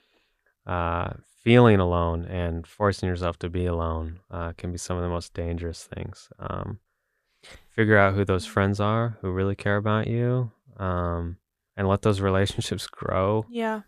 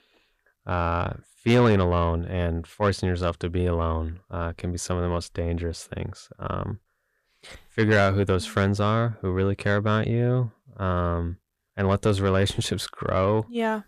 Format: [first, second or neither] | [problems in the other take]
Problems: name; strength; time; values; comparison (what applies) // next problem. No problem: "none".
first | distortion; slight; 10 dB below the speech